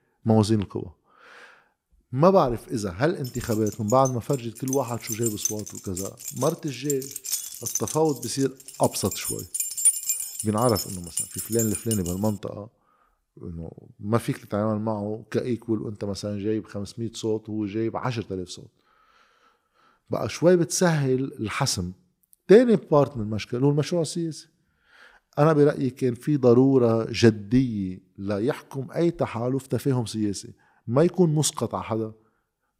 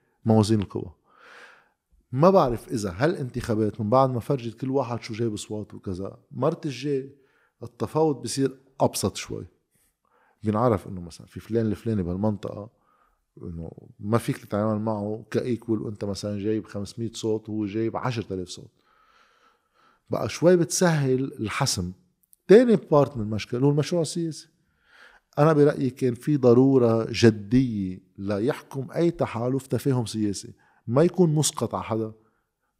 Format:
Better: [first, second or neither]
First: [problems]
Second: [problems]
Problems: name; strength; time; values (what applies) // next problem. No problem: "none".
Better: second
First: jangling keys; loud; from 4 to 12 s; peak 5 dB above the speech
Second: none